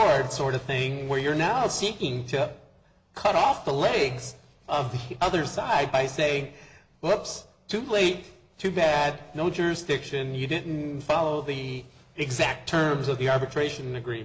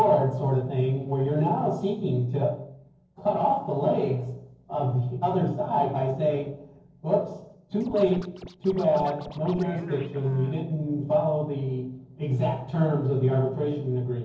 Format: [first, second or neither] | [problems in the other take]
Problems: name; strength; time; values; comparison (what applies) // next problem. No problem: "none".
first | noise reduction (neural separator model SepFormer DNS4)